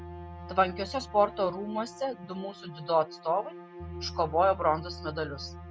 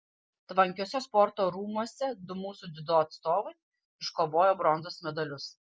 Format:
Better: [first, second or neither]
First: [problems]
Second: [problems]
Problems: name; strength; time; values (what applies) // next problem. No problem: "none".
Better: second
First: background sound (Bass guitar + Bowed string instrument); 12 dB below the speech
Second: none